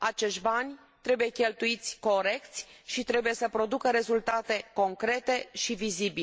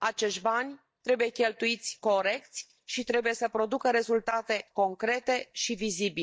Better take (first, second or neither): first